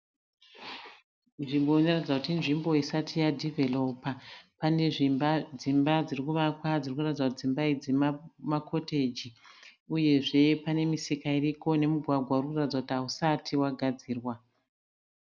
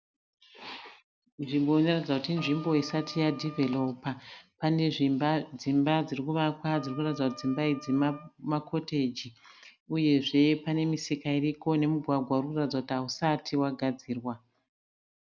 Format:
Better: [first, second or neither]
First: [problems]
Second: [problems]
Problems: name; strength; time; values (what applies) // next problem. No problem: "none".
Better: first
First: none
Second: background sound (Wind instrument, woodwind instrument); 18 dB below the speech